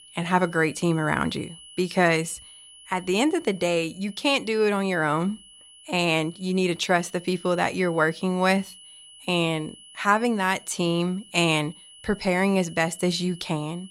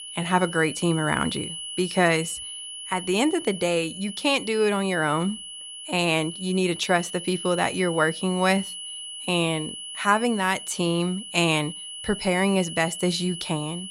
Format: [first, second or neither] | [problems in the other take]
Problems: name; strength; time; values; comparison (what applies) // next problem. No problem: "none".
first | high-pitched whine; loud; throughout; 3 kHz, 10 dB below the speech; faint in the first